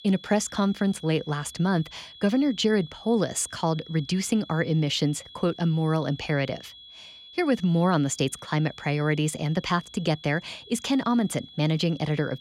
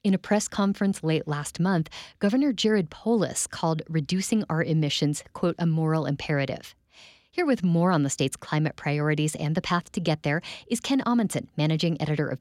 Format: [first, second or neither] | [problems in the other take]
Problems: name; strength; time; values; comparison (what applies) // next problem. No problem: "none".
second | high-pitched whine; noticeable; throughout; 3.5 kHz, 20 dB below the speech